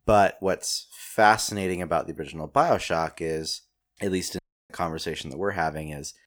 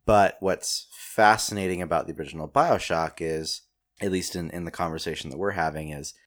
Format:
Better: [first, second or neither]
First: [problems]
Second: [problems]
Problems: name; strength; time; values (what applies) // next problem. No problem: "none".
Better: second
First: audio cutting out; at 4.5 s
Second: none